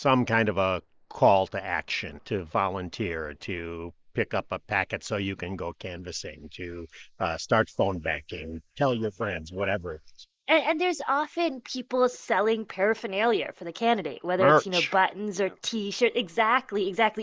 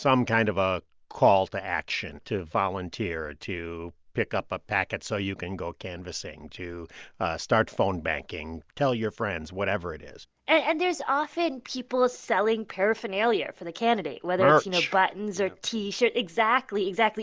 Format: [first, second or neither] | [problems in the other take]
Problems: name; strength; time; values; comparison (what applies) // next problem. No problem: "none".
second | noise reduction (neural mask model Resemble Enhance denoiser)